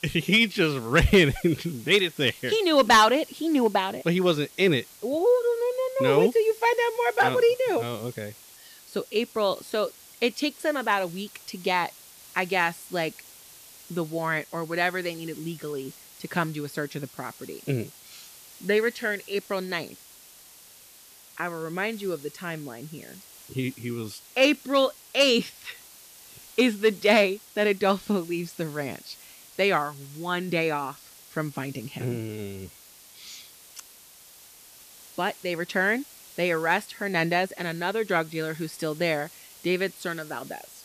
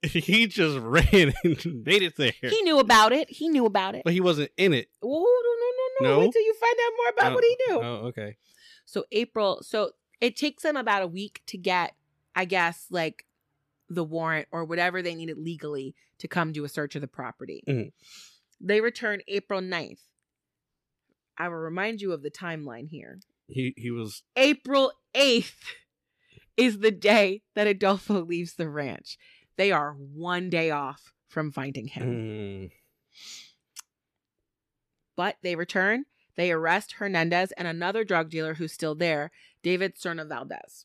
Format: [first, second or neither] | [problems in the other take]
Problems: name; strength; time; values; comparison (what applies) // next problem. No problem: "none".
second | hiss; faint; throughout; 20 dB below the speech